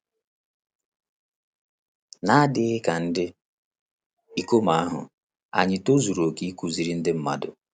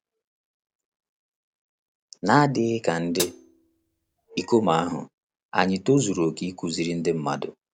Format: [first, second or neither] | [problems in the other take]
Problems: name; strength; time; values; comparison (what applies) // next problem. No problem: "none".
first | background sound (Hi-hat); 10 dB below the speech